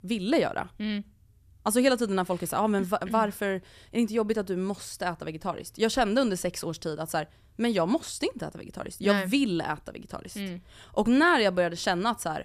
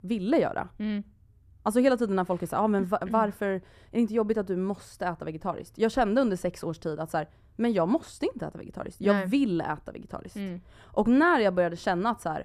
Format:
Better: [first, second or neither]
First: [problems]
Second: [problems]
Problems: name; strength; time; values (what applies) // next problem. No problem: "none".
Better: first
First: none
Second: muffled; slightly; fading above 2 kHz